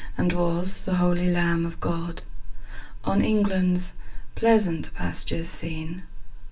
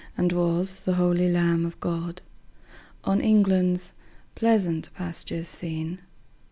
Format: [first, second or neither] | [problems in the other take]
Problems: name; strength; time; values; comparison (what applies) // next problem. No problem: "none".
second | room echo; dies away in 0.2 s